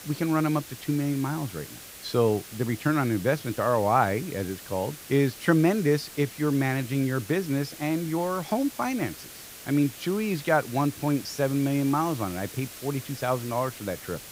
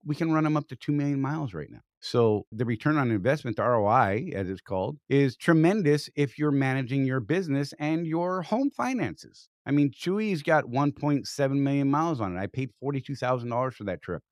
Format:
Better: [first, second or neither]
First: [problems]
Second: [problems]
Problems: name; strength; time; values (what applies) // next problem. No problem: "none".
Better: second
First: hiss; noticeable; throughout; 15 dB below the speech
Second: none